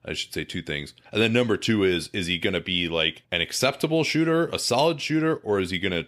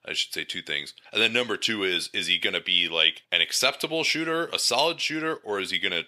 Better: first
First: none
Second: thin; somewhat; fading below 900 Hz

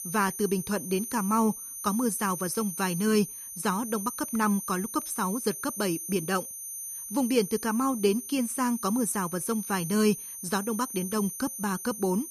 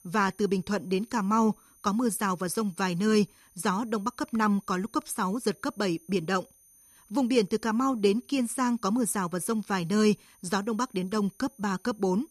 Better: second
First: high-pitched whine; loud; throughout; 9.5 kHz, 7 dB below the speech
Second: high-pitched whine; faint; throughout; 9.5 kHz, 30 dB below the speech

